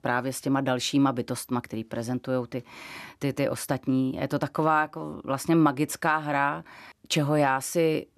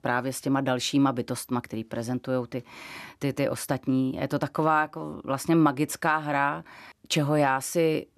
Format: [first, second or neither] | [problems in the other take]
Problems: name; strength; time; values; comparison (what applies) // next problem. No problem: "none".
neither | none